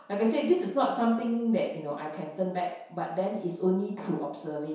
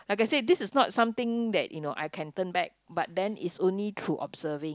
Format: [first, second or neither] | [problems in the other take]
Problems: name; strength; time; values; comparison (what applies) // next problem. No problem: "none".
second | room echo; dies away in 0.7 s